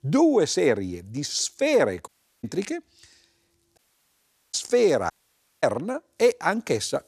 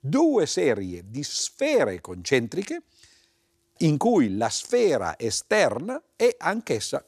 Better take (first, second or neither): second